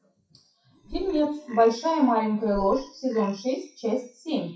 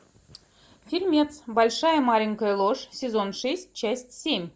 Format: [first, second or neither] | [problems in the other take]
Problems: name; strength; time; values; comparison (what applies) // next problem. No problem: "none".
second | noise reduction (classical method WPE with log-MMSE)